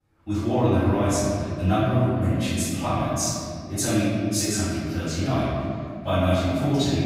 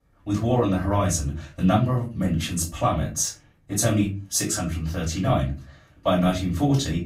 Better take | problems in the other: second | room echo; strong; dies away in 2.3 s; slight in the second // off-mic speech; far; far in the second

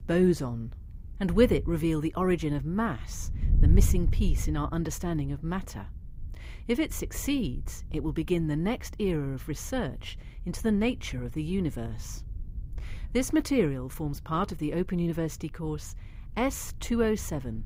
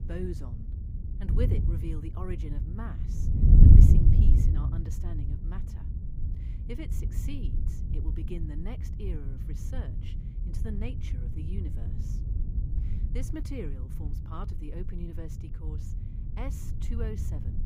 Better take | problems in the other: first | wind noise on the microphone; heavy; 2 dB above the speech; occasional gusts in the first

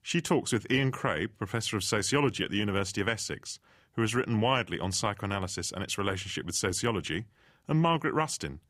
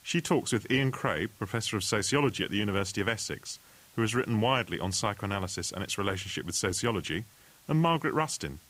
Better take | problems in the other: first | hiss; faint; throughout; 25 dB below the speech

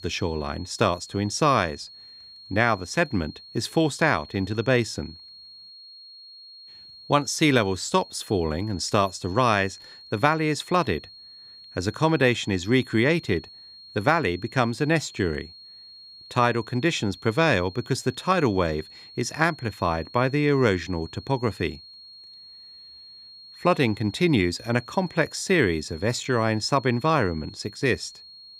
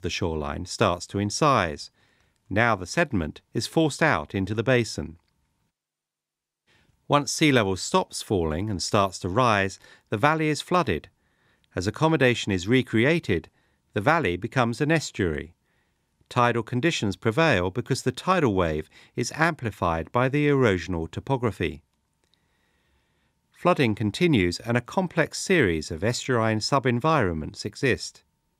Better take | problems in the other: second | high-pitched whine; noticeable; throughout; 4.5 kHz, 20 dB below the speech

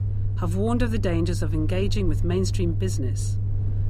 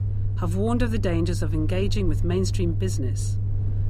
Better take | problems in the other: neither | low rumble; noticeable; throughout; 10 dB below the speech; the same in both

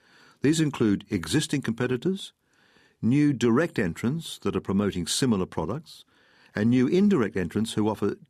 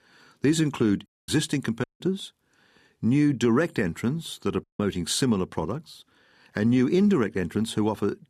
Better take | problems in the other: first | audio cutting out; at 1 s, at 2 s and at 4.5 s

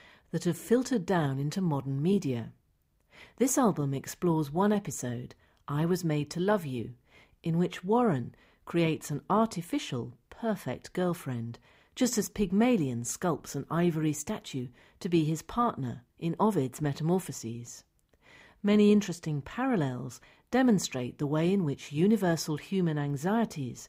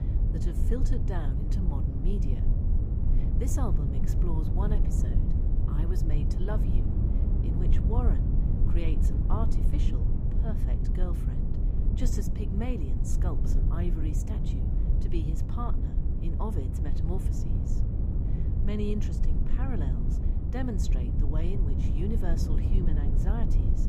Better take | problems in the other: first | low rumble; loud; throughout; 1 dB below the speech

